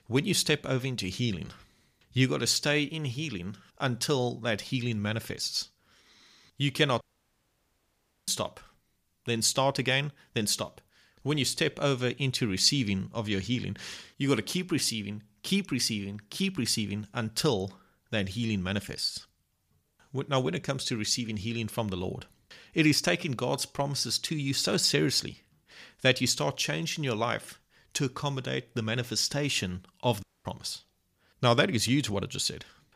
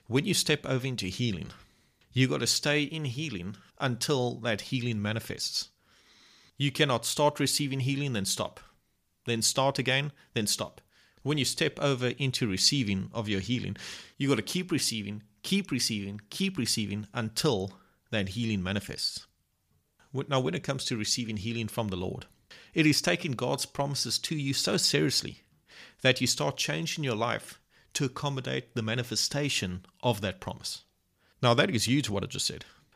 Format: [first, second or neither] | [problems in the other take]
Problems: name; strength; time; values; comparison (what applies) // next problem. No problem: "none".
second | audio cutting out; at 7 s for 1.5 s and at 30 s